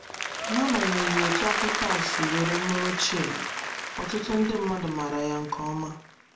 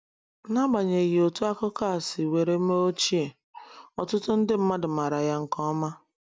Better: second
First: background sound (Applause); 1 dB below the speech // room echo; dies away in 0.3 s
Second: none

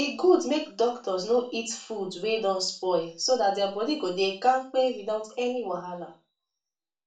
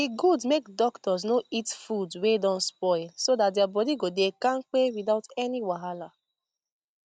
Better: second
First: room echo; dies away in 0.3 s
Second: none

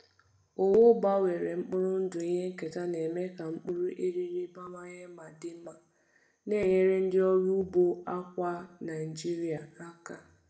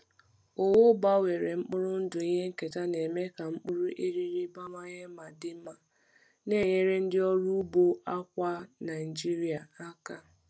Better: second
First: room echo; dies away in 0.6 s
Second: none

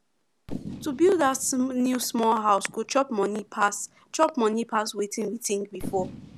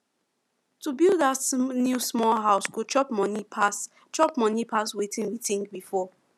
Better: second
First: background sound (Fireworks); 17 dB below the speech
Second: none

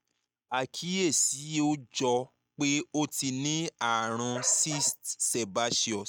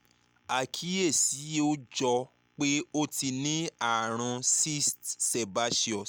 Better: second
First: noise reduction (neural mask model RNNoise)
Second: none

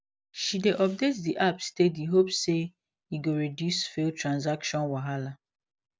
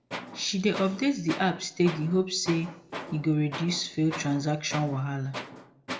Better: first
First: none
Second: background sound (Tools); 12 dB below the speech // room echo; dies away in 0.4 s

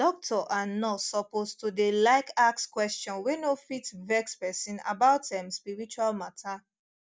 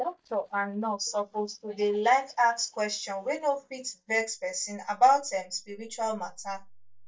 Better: first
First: none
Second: noise reduction (neural mask model DeepFilterNet 3)

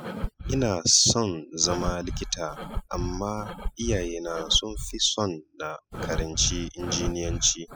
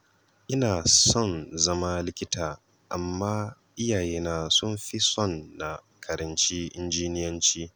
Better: second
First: noise reduction (classical method spectral subtraction)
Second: none

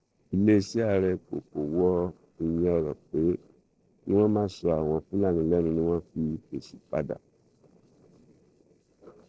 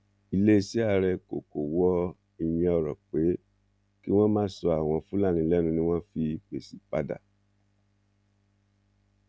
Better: second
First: noise reduction (neural separator model SepFormer DNS4)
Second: none

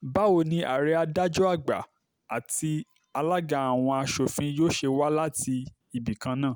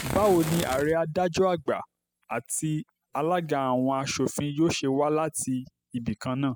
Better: first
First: none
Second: noise reduction (classical method spectral subtraction)

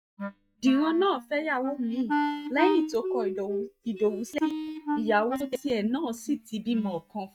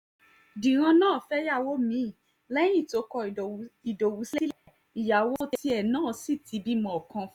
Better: second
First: noise reduction (neural mask model DeepFilterNet 3)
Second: none

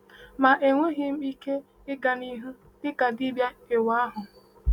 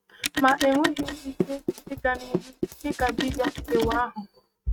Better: first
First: none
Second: noise reduction (neural mask model RNNoise)

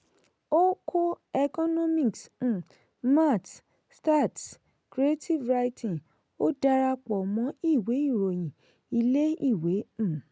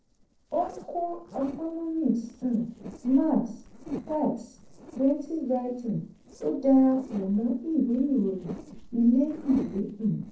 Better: first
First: none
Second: noise reduction (neural separator model SepFormer DNS4)

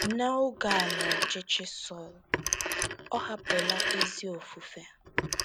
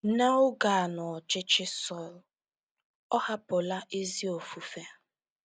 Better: second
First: background sound (Telephone); 1 dB above the speech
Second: none

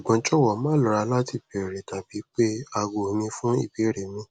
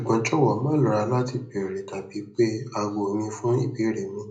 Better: first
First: none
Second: room echo; dies away in 0.4 s

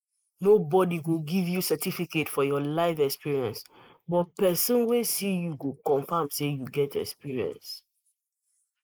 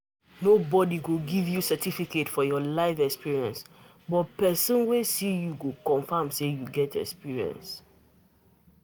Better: second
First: noise reduction (neural mask model Resemble Enhance denoiser)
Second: none

